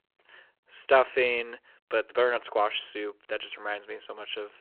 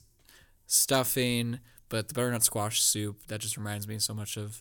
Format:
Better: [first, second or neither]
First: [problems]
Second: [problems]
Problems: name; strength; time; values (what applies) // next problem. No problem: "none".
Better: second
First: phone-call audio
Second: none